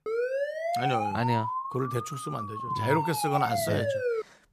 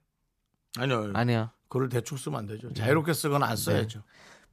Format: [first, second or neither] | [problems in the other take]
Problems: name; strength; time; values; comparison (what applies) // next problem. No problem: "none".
second | siren; loud; peak 2 dB above the speech